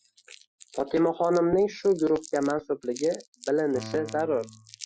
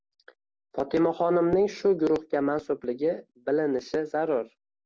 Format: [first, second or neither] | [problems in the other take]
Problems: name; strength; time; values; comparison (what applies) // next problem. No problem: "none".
second | noise reduction (classical method Wiener filter)